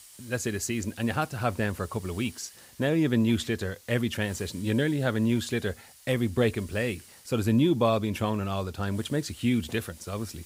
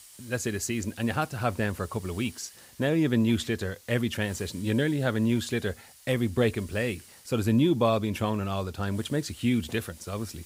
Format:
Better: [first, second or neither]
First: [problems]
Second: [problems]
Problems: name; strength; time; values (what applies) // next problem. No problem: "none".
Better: neither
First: hiss; faint; throughout; 20 dB below the speech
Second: hiss; faint; throughout; 20 dB below the speech